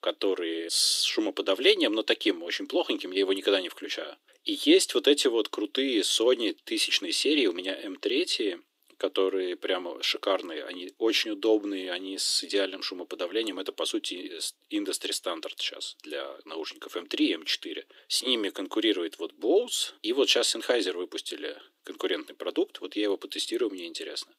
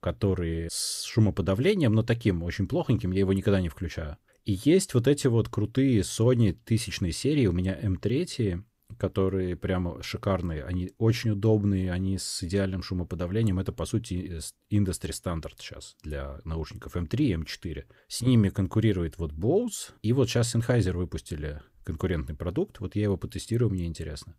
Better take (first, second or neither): second